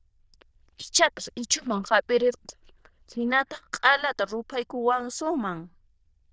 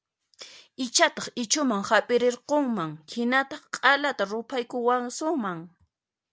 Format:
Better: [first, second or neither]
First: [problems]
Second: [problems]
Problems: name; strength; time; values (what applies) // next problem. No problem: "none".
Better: second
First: noise reduction (neural diffusion model UNIVERSE++)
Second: none